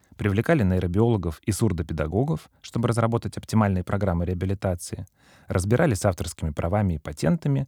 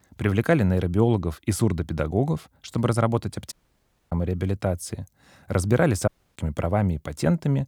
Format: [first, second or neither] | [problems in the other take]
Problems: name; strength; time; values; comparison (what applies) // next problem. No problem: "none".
first | audio cutting out; at 3.5 s for 0.5 s and at 6 s